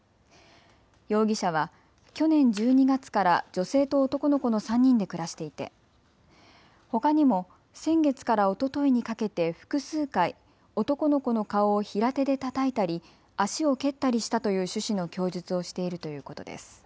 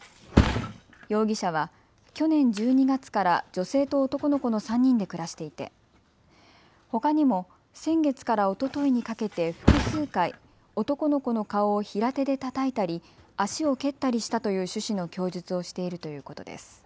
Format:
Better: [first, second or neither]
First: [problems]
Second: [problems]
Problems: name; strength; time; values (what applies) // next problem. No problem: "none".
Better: first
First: none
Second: background sound (Thump, thud); 8 dB below the speech